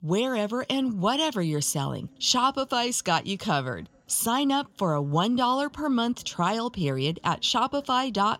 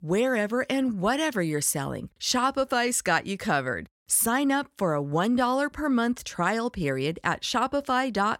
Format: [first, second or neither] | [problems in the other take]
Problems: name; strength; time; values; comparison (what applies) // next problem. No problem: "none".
second | room echo; very slight; dies away in 3 s